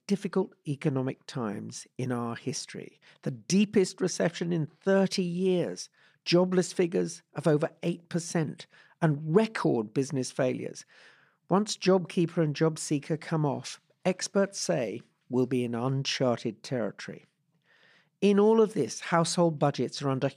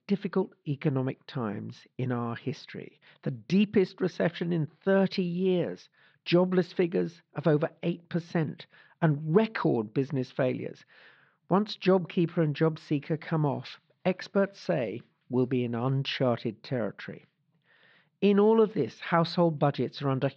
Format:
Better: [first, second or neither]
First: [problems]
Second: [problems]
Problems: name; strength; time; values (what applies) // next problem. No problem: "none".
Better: first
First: none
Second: muffled; slightly; fading above 4 kHz